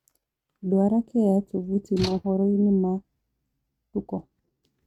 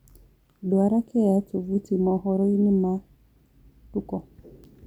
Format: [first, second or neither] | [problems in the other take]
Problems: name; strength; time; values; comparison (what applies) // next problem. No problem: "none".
second | noise reduction (neural mask model RNNoise)